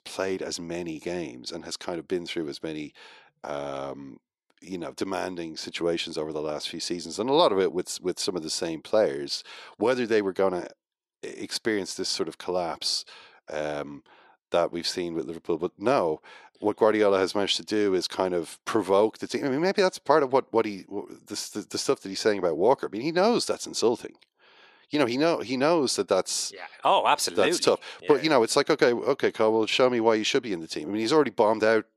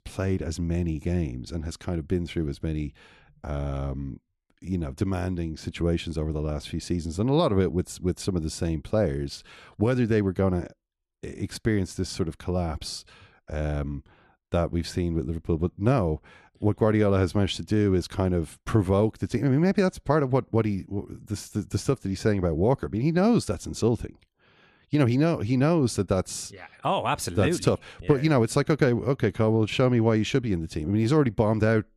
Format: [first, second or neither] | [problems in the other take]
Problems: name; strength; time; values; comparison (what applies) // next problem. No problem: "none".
second | thin; somewhat; fading below 450 Hz